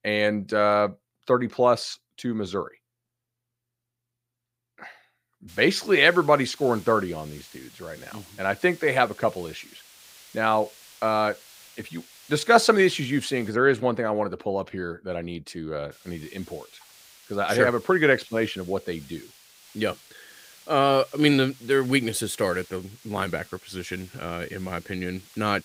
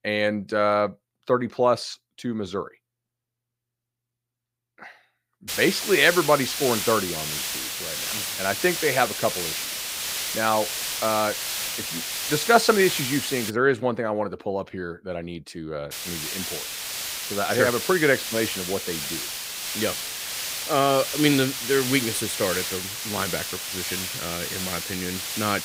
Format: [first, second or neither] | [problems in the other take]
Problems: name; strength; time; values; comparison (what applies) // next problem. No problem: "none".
first | hiss; loud; from 5.5 to 14 s and from 16 s on; 4 dB below the speech; faint in the first